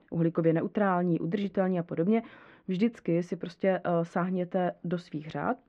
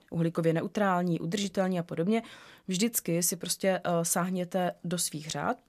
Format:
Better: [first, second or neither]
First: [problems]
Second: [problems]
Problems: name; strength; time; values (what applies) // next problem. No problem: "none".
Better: second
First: muffled; very; fading above 2.5 kHz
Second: none